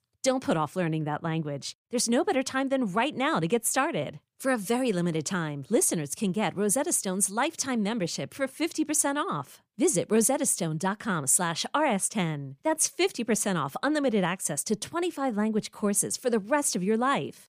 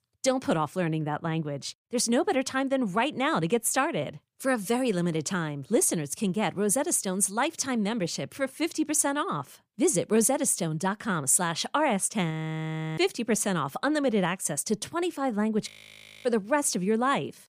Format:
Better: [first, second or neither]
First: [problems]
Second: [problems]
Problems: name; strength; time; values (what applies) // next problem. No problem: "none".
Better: first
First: none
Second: audio freezing; at 12 s for 0.5 s and at 16 s for 0.5 s